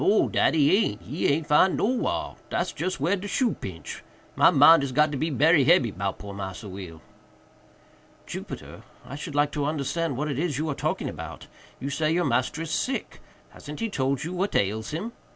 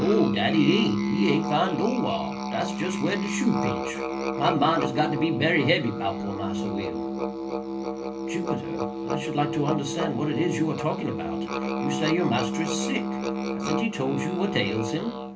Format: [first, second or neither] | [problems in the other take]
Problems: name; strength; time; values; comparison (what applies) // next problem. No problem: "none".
first | background sound (Musical instrument); 1 dB below the speech // room echo; dies away in 0.3 s